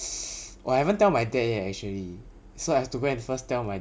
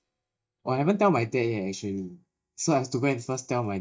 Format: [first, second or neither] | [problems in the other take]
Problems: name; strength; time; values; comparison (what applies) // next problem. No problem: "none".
first | noise reduction (neural mask model DeepFilterNet 3)